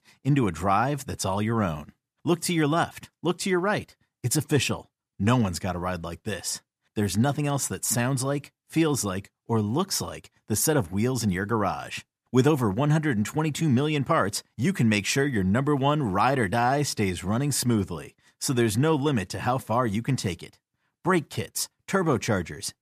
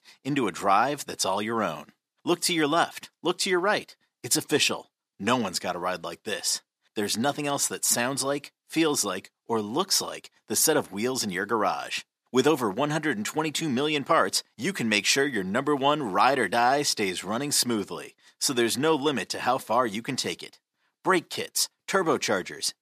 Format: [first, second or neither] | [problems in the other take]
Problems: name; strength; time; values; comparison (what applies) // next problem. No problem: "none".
first | thin; somewhat; fading below 300 Hz